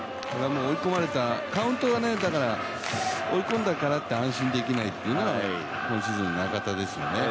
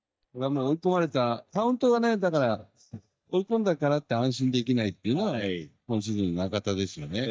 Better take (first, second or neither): first